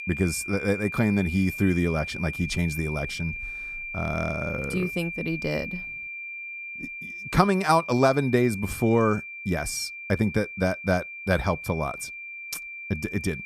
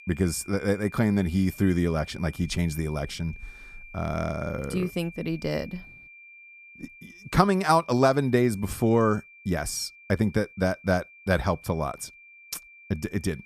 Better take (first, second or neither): second